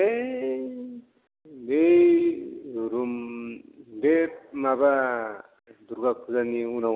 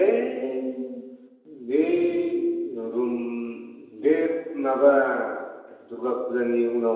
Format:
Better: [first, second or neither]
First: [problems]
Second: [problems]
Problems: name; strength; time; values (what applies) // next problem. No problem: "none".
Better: first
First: none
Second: room echo; dies away in 1 s